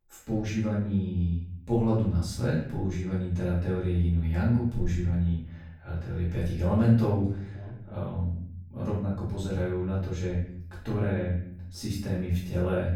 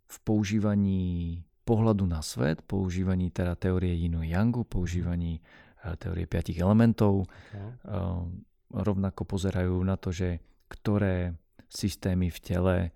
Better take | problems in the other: second | room echo; noticeable; dies away in 0.6 s // off-mic speech; far

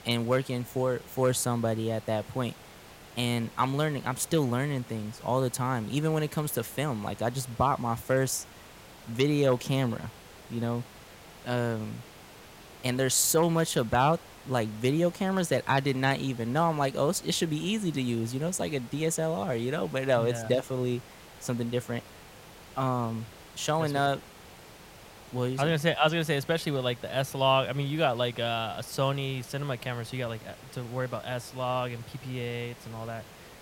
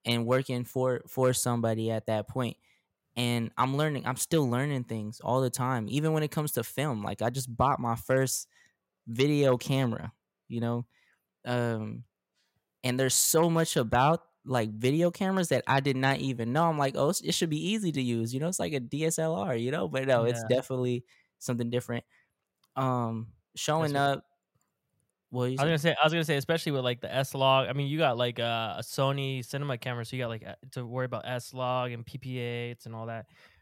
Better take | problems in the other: second | hiss; noticeable; throughout; 20 dB below the speech

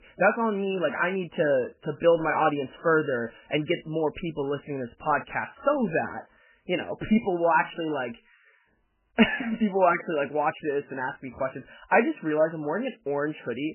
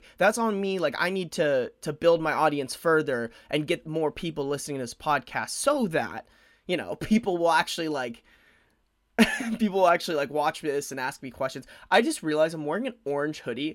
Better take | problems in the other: second | garbled, watery; badly; nothing above 3 kHz

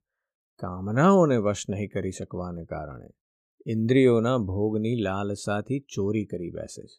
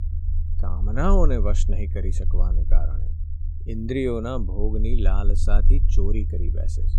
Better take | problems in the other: first | low rumble; noticeable; throughout; 15 dB below the speech

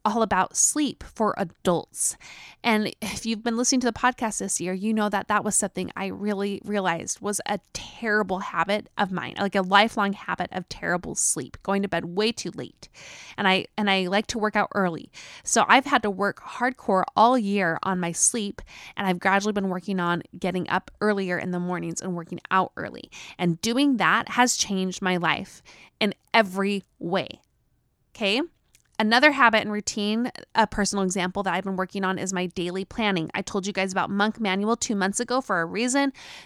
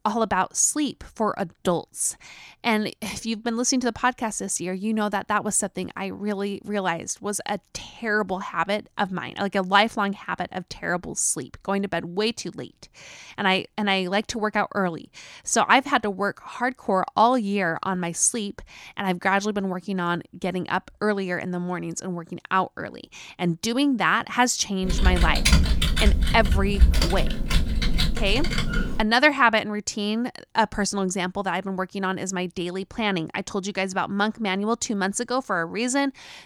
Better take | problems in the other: first | keyboard typing; loud; from 25 to 29 s; peak 5 dB above the speech

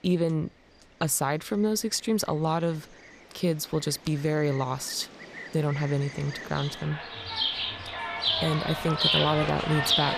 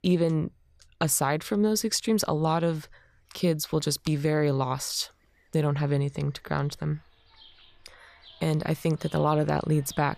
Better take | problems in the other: second | animal sounds; loud; throughout; as loud as the speech; faint in the second

